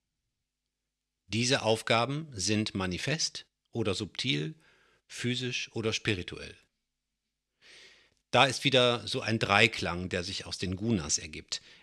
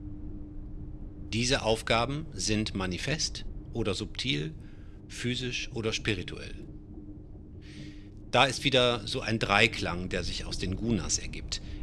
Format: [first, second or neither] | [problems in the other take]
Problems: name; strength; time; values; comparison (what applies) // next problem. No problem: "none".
first | low rumble; faint; throughout; 25 dB below the speech